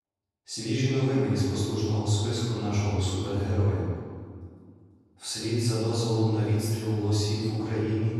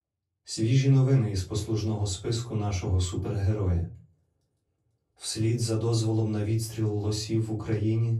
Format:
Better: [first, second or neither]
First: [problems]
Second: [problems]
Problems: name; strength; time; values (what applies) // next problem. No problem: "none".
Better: second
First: room echo; strong; dies away in 1.7 s // off-mic speech; far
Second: room echo; slight; dies away in 0.3 s // off-mic speech; far